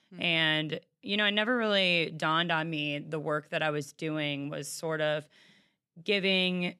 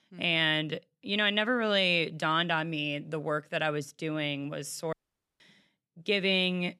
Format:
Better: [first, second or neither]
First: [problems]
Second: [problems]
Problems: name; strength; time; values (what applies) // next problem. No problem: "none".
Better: first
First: none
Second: audio cutting out; at 5 s